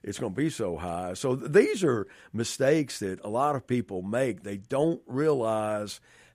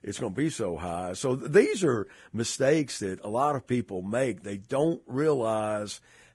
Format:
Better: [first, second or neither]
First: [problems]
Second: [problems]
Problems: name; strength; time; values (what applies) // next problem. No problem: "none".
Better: first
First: none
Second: garbled, watery; badly; nothing above 10.5 kHz